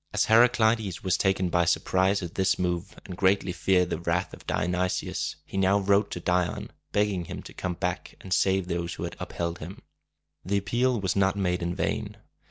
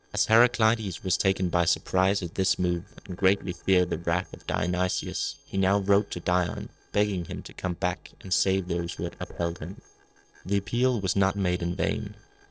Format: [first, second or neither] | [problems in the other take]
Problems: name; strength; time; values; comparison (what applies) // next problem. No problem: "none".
first | noise reduction (neural separator model SepFormer DNS4)